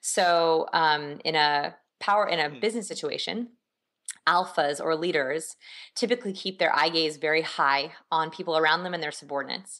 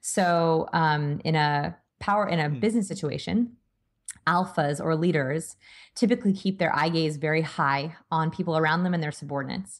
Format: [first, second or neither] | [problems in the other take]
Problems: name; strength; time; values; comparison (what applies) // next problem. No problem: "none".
second | thin; somewhat; fading below 450 Hz